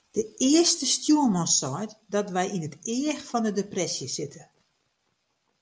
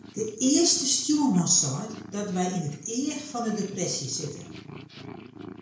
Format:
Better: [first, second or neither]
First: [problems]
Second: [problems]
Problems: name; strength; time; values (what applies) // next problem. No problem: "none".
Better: first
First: none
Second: background sound (Purr); 17 dB below the speech // room echo; dies away in 0.5 s